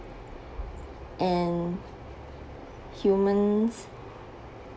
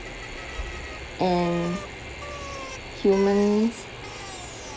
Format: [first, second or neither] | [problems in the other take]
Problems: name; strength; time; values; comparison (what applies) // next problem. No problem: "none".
first | background sound (Bicycle + Train); 12 dB below the speech